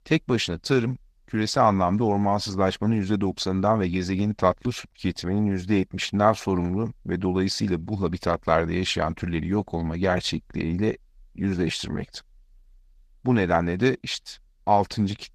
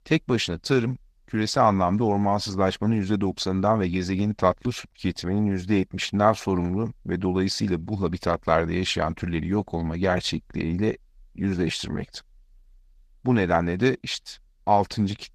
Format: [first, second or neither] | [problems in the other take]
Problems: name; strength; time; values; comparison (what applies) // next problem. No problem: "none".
neither | garbled, watery; slightly; nothing above 14.5 kHz; the same in both